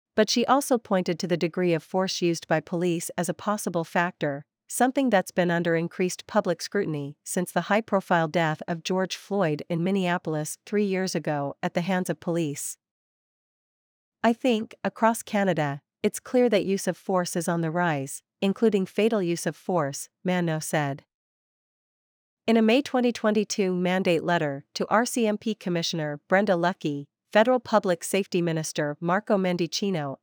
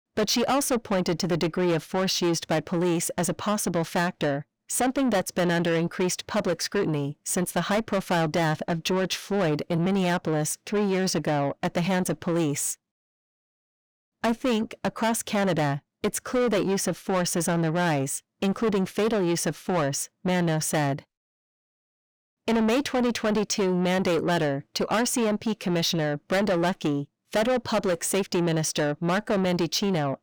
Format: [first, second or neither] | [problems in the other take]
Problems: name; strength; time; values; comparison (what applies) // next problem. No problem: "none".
first | distortion; heavy; 7 dB below the speech